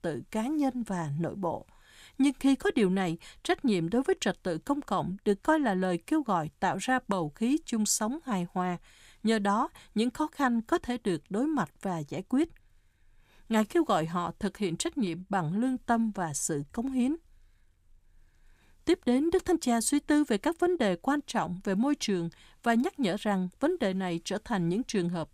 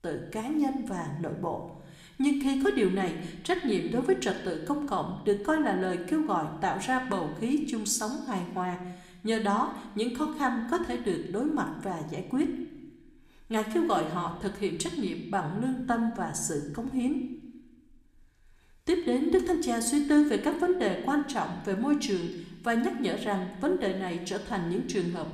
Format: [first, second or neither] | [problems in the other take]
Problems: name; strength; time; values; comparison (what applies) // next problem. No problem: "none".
first | room echo; slight; dies away in 1 s